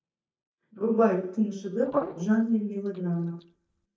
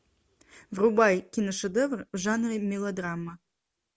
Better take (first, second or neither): second